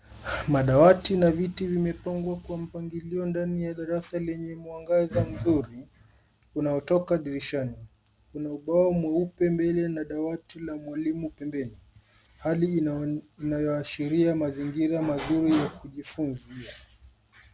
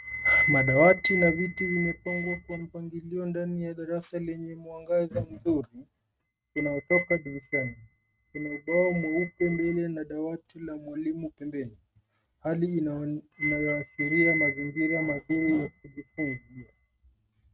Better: first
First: none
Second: noise reduction (neural mask model RNNoise)

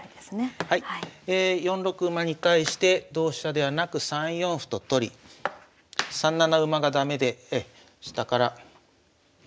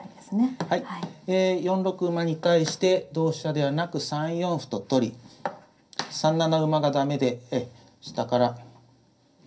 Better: first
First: none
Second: room echo; dies away in 0.3 s

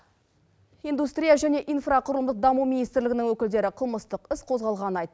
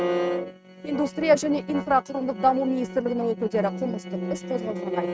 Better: first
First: none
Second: noise reduction (neural mask model RNNoise)

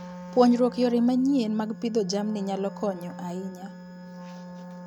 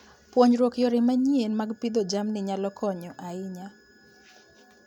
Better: second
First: background sound (Wind instrument, woodwind instrument); 14 dB below the speech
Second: none

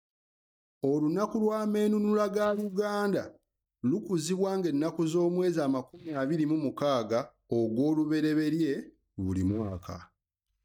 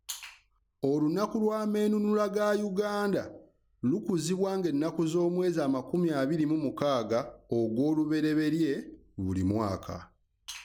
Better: second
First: noise reduction (neural mask model DeepFilterNet 3)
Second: none

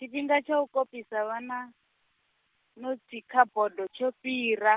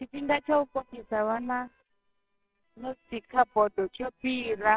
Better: first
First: none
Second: noise reduction (neural separator model SepFormer WHAMR!)

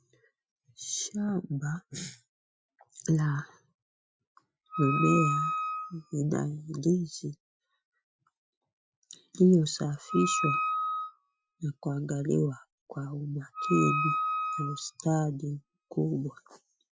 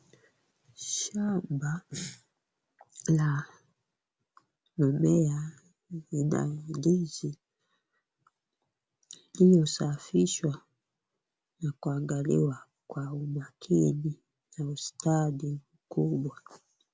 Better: second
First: noise reduction (classical method Wiener filter)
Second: none

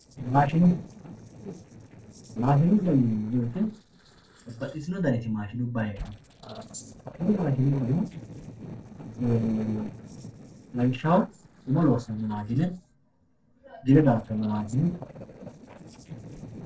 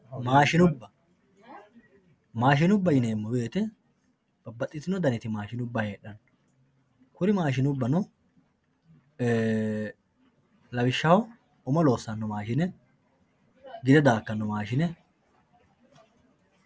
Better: second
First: noise reduction (neural separator model SepFormer DNS4)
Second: none

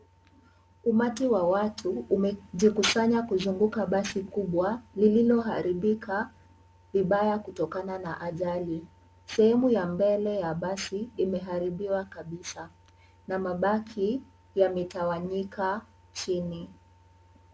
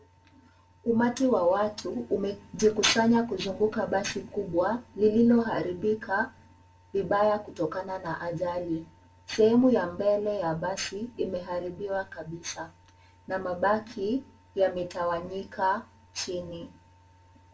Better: first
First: none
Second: room echo; dies away in 0.2 s

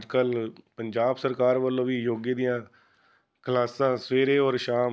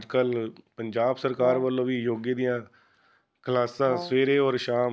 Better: first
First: none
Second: background sound (Brass instrument); 12 dB below the speech

